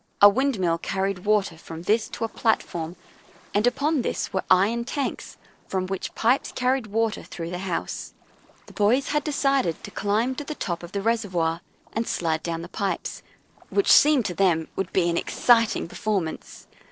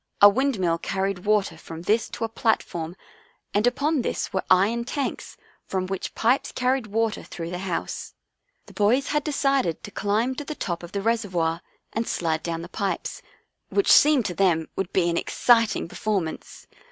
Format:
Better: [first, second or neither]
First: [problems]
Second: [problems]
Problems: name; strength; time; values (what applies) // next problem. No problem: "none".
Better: second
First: noise reduction (neural separator model SepFormer DNS4)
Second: none